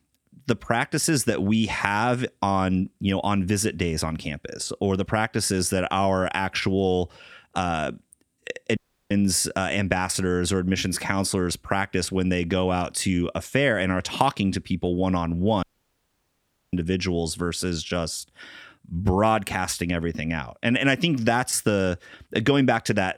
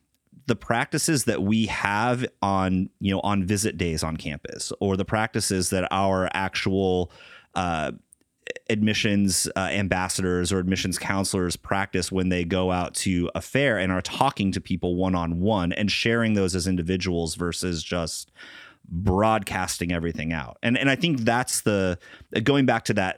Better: second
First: audio cutting out; at 9 s and at 16 s for 1 s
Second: none

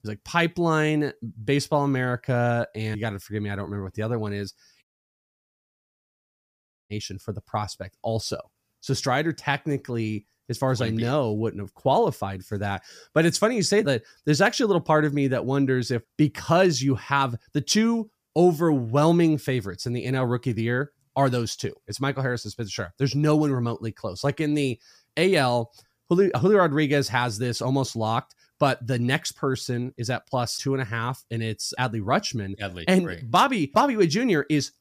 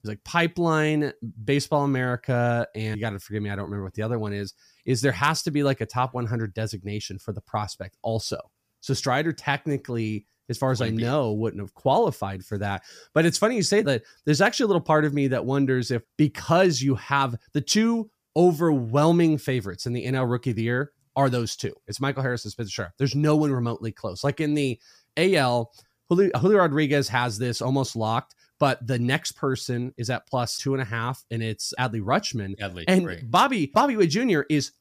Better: second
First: audio cutting out; at 5 s for 2 s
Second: none

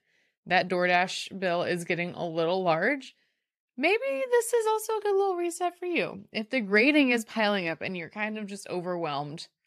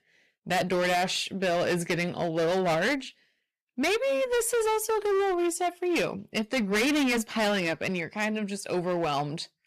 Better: first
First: none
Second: distortion; heavy; 19% of the sound clipped

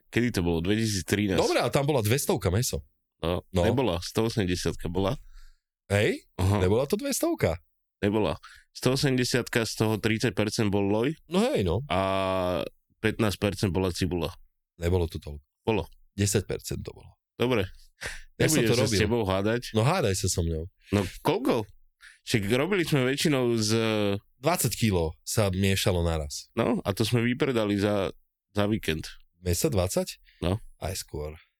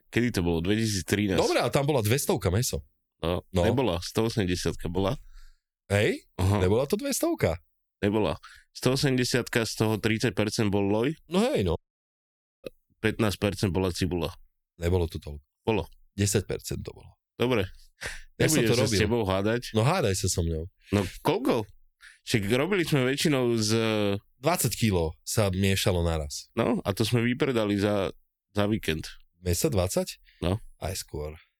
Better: first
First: none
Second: audio cutting out; at 12 s for 1 s

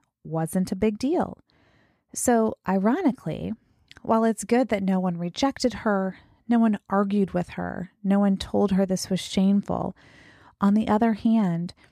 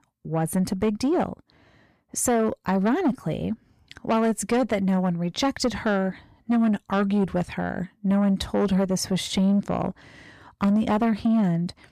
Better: first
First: none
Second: distortion; slight; 10 dB below the speech

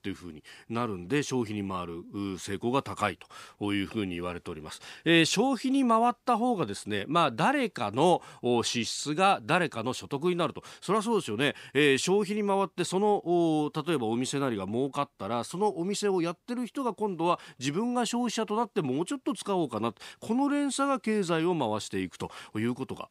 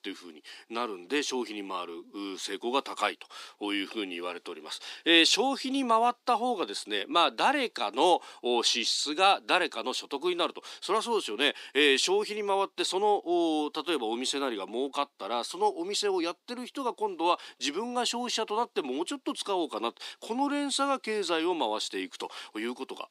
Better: first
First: none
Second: thin; very slightly; fading below 300 Hz

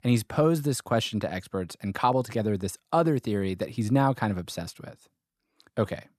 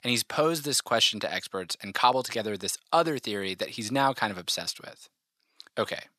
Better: first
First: none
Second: thin; somewhat; fading below 850 Hz

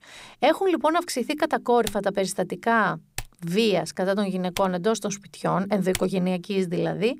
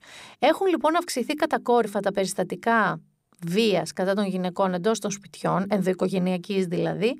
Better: second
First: keyboard typing; noticeable; from 2 to 6 s; peak 9 dB below the speech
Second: none

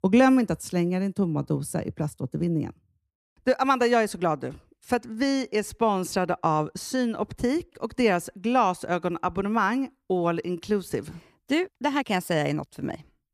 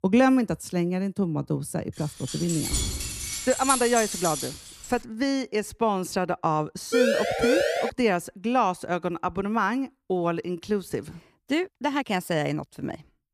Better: first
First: none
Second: jangling keys; loud; from 2.5 to 5 s; peak 1 dB above the speech // siren; loud; at 7 s; peak 4 dB above the speech

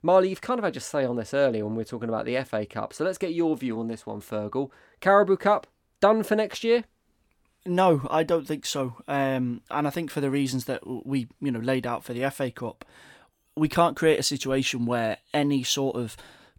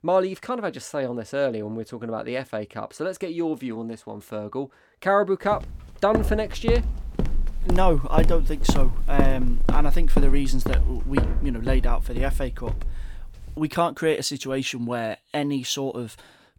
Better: first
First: none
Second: footsteps; loud; from 6 to 13 s; peak 2 dB above the speech

